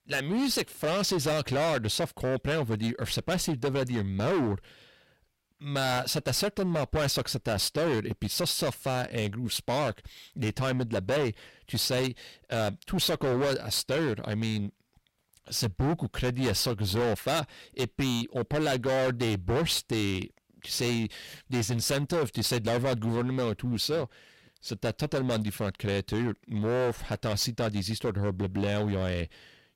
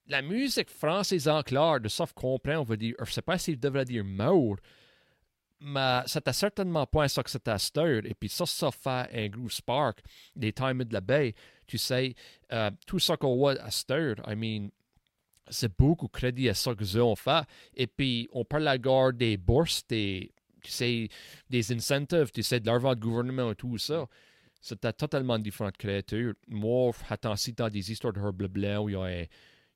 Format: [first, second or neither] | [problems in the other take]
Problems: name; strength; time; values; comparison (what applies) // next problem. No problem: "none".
second | distortion; heavy; 17% of the sound clipped